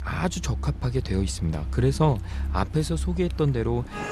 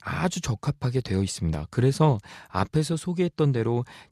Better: second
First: traffic noise; loud; throughout; 7 dB below the speech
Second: none

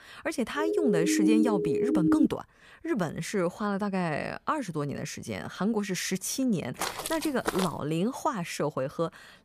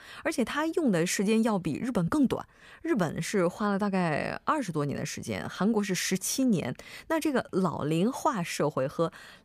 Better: second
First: siren; loud; from 0.5 to 2.5 s; peak 6 dB above the speech // footsteps; noticeable; at 7 s; peak 2 dB below the speech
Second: none

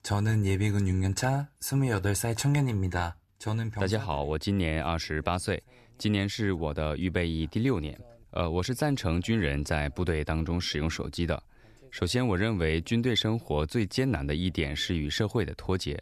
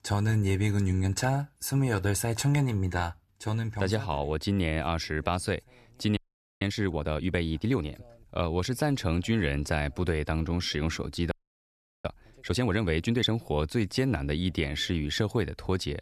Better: first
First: none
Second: audio freezing; at 6 s and at 11 s for 0.5 s

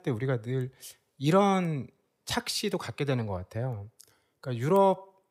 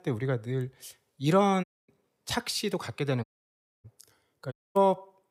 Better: first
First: none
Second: audio cutting out; at 1.5 s, at 3 s for 0.5 s and at 4.5 s

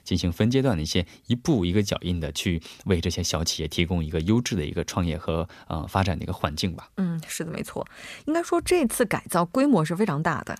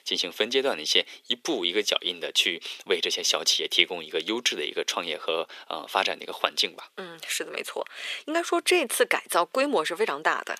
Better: first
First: none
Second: thin; very; fading below 400 Hz

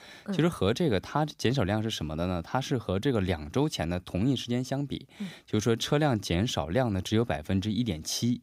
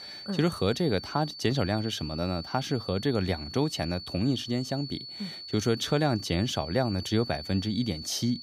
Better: first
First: none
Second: high-pitched whine; noticeable; throughout; 4.5 kHz, 10 dB below the speech

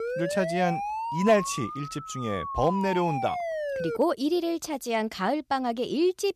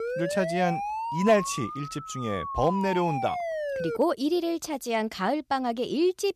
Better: neither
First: siren; noticeable; until 4 s; peak 3 dB below the speech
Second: siren; noticeable; until 4 s; peak 3 dB below the speech

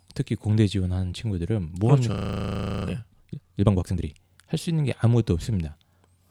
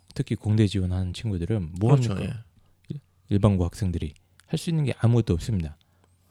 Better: second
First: audio freezing; at 2 s for 0.5 s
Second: none

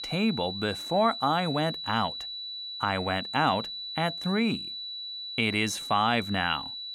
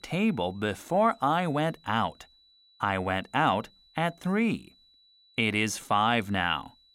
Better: second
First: high-pitched whine; loud; throughout; 4 kHz, 7 dB below the speech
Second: high-pitched whine; faint; throughout; 4 kHz, 30 dB below the speech

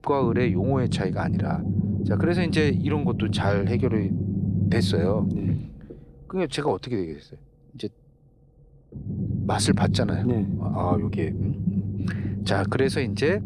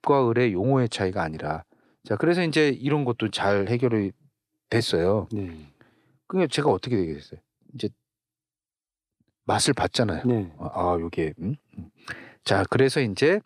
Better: second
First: low rumble; loud; throughout; 7 dB below the speech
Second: none

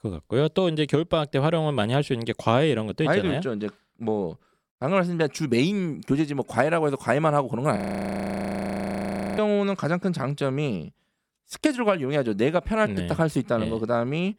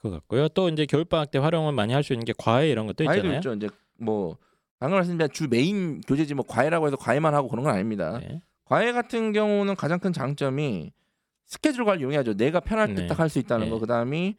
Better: second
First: audio freezing; at 8 s for 1.5 s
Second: none

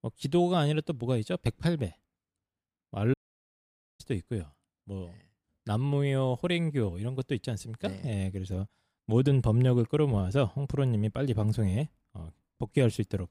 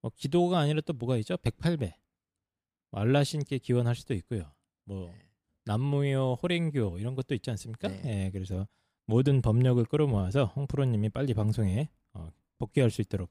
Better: second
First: audio cutting out; at 3 s for 1 s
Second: none

